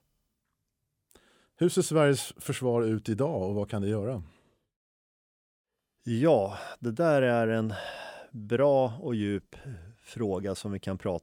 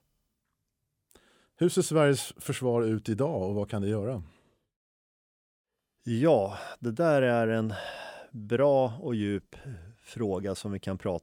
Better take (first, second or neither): neither